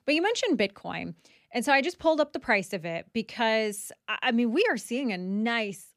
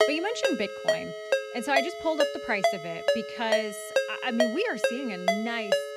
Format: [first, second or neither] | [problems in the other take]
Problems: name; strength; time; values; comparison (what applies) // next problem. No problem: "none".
first | phone ringing; loud; peak 5 dB above the speech